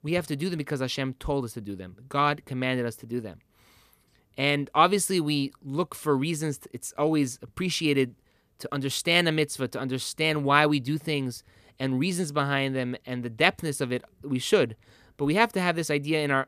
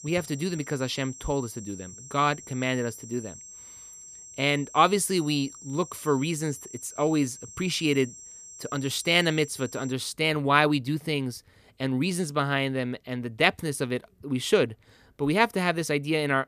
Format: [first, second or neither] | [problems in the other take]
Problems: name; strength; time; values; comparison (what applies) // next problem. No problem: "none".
first | high-pitched whine; noticeable; until 10 s; 7.5 kHz, 15 dB below the speech